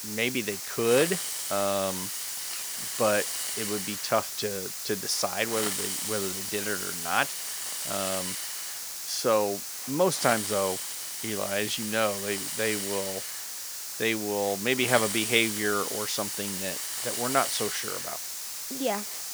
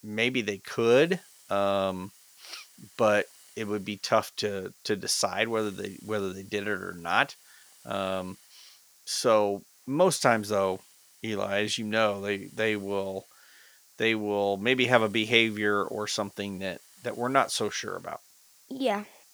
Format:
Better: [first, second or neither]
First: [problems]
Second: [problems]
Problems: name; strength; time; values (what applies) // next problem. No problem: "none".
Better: second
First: hiss; loud; throughout; 2 dB below the speech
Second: hiss; faint; throughout; 25 dB below the speech